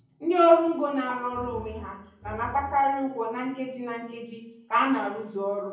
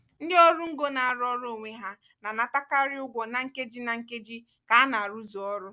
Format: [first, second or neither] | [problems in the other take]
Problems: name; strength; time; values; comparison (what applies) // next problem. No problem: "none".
second | background sound (Bowed string instrument); 16 dB below the speech // room echo; dies away in 0.7 s